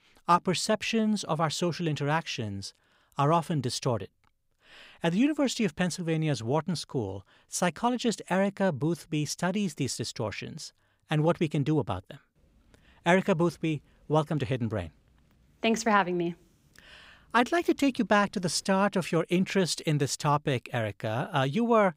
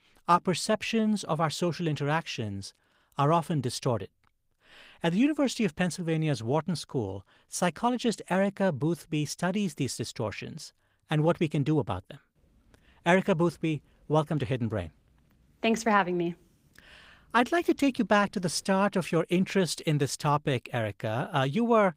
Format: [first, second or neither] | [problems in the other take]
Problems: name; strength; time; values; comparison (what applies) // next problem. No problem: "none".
first | garbled, watery; slightly; nothing above 15.5 kHz